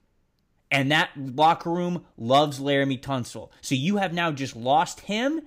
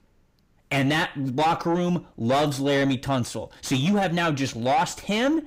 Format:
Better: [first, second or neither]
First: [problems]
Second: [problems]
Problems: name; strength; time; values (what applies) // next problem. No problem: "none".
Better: first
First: none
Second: distortion; heavy; 6 dB below the speech